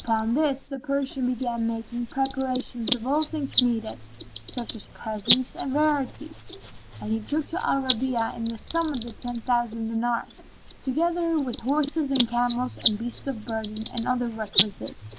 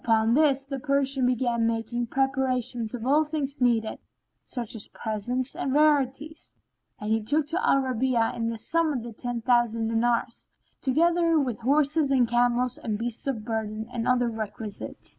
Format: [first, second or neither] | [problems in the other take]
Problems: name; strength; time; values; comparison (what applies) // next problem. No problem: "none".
second | background sound (Bird); 7 dB below the speech